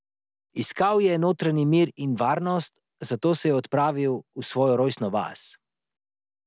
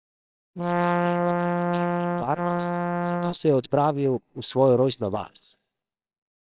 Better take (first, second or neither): first